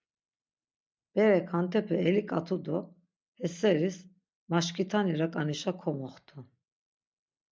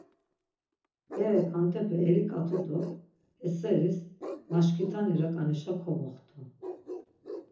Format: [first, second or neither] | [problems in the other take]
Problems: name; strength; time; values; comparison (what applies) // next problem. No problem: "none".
first | background sound (Bark); 14 dB below the speech // room echo; dies away in 0.5 s